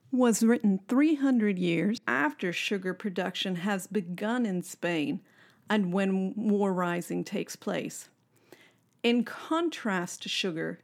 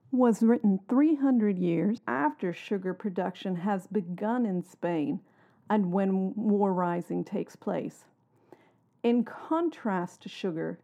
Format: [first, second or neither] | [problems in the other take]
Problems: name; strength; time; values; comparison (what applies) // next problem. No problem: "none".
first | muffled; very; fading above 1.5 kHz